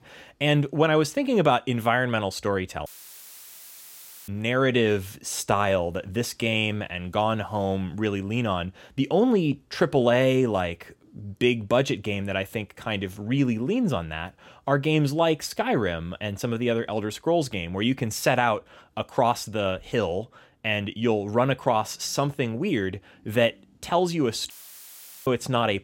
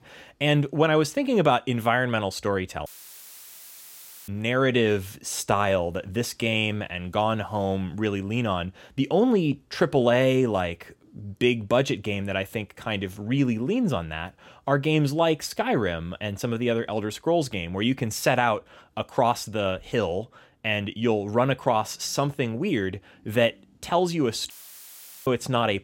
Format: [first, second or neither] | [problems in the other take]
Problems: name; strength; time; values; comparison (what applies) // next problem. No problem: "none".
neither | audio cutting out; filled with static; at 3 s for 1.5 s and at 25 s for 1 s; the same in both